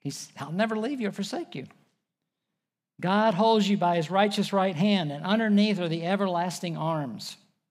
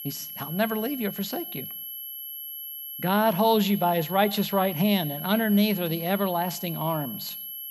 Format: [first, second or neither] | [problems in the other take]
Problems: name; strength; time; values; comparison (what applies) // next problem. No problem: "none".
first | high-pitched whine; loud; throughout; 11.5 kHz, 9 dB below the speech